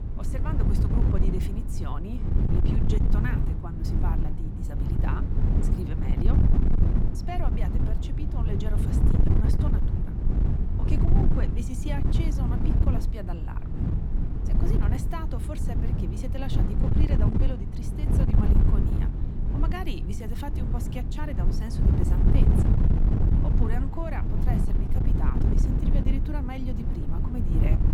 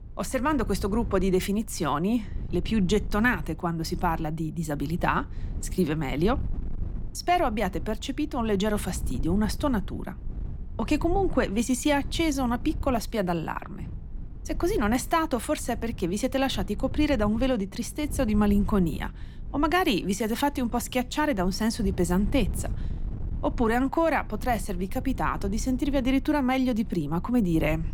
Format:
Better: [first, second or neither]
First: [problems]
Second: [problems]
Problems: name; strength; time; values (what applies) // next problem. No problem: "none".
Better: second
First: wind noise on the microphone; heavy; 2 dB above the speech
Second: wind noise on the microphone; occasional gusts; 20 dB below the speech